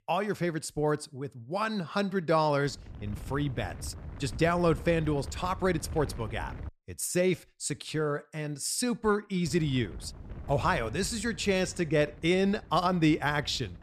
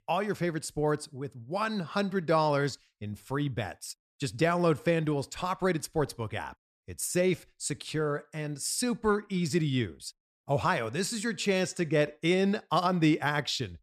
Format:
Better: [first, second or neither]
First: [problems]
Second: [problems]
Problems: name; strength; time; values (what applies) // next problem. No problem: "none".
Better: second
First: wind noise on the microphone; occasional gusts; from 2.5 to 6.5 s and from 9.5 s on; 20 dB below the speech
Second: none